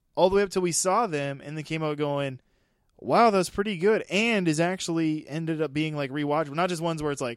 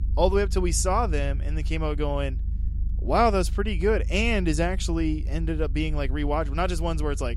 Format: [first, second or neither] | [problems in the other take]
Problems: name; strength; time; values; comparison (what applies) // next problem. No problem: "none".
first | low rumble; faint; throughout; 20 dB below the speech